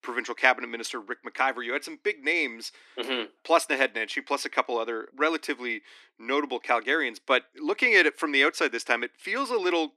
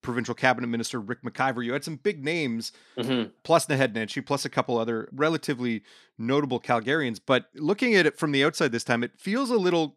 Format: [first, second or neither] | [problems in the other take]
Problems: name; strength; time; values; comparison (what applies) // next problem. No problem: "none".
second | thin; somewhat; fading below 300 Hz